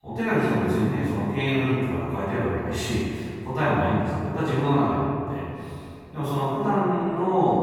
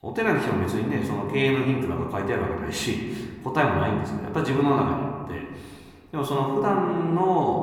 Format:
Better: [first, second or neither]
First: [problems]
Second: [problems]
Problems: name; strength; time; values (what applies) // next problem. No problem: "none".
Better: second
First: room echo; strong; dies away in 2.2 s // off-mic speech; far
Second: room echo; slight; dies away in 1.4 s // off-mic speech; somewhat distant